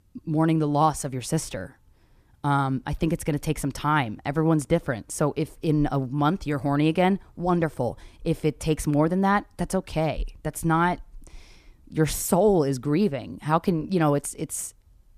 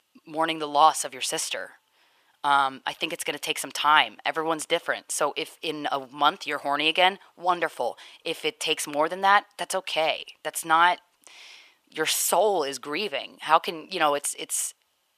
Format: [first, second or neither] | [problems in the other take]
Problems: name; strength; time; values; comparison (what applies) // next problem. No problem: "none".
first | thin; very; fading below 750 Hz